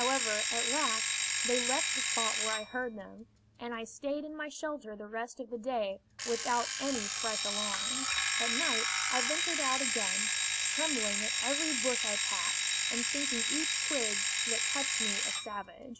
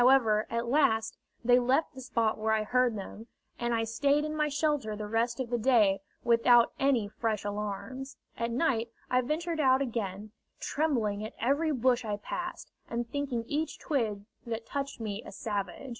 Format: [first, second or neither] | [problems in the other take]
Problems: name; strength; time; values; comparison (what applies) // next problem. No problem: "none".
second | background sound (Alarm); 5 dB above the speech